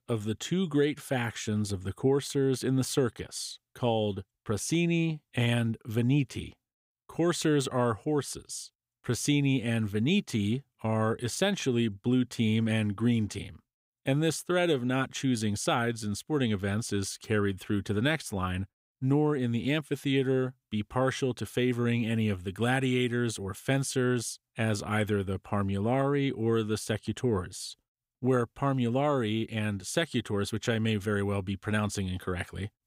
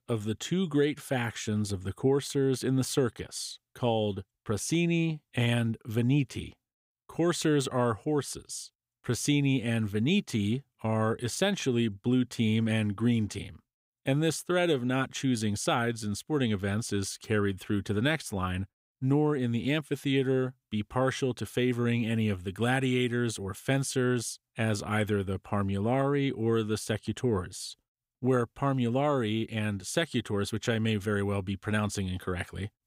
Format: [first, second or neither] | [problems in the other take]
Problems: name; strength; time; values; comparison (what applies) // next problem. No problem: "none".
neither | none